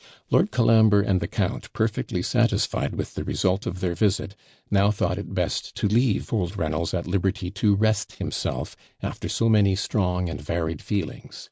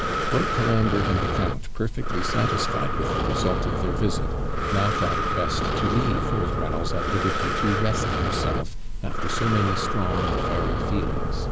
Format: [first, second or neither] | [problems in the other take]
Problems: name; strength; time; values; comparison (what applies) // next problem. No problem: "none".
first | background sound (Breathing); 3 dB above the speech